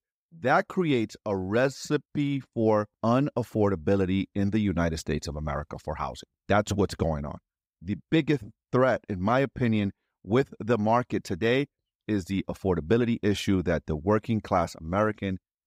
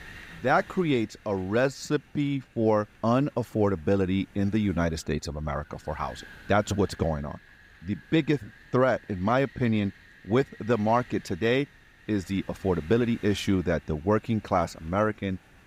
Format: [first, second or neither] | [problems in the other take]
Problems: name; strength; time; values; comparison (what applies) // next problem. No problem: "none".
first | wind noise on the microphone; occasional gusts; 20 dB below the speech